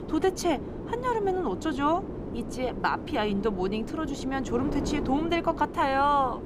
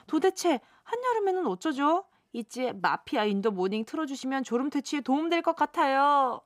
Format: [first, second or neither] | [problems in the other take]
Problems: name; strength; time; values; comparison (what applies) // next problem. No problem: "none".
second | wind noise on the microphone; occasional gusts; 10 dB below the speech